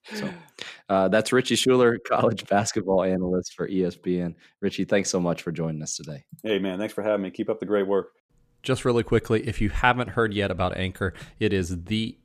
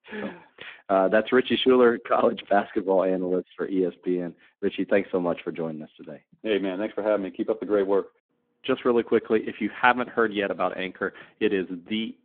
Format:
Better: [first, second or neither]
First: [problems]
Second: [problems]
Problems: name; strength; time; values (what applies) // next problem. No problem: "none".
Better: first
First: none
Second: phone-call audio; nothing above 3.5 kHz